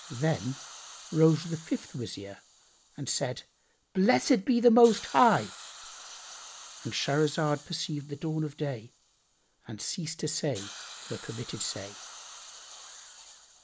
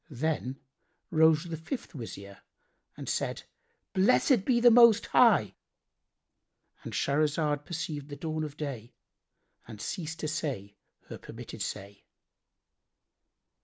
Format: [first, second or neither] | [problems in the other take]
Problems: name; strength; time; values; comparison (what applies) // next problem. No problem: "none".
second | background sound (Hiss); 18 dB below the speech